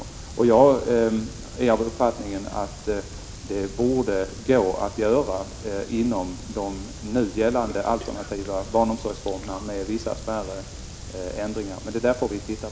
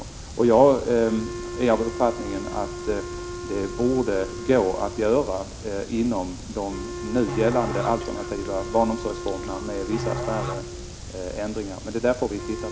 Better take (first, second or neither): first